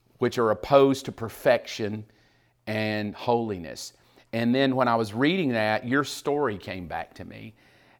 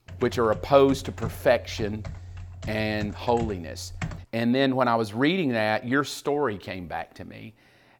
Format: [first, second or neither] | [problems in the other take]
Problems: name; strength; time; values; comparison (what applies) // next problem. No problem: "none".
first | keyboard typing; faint; until 4 s; peak 10 dB below the speech